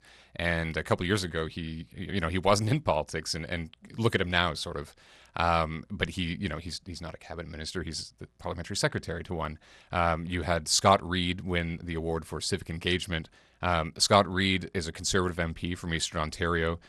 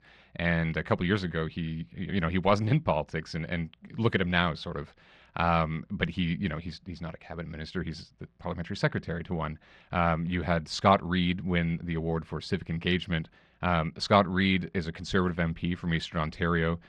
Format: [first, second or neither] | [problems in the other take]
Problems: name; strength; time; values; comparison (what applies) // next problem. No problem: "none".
first | muffled; slightly; fading above 3 kHz